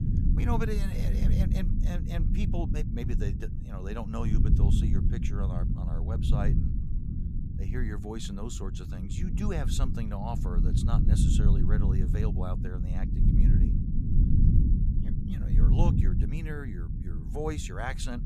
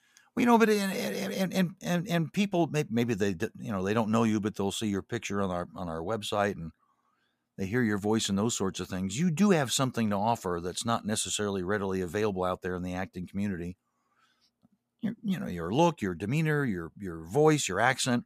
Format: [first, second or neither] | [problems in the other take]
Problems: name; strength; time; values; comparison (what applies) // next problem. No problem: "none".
second | low rumble; loud; throughout; 2 dB below the speech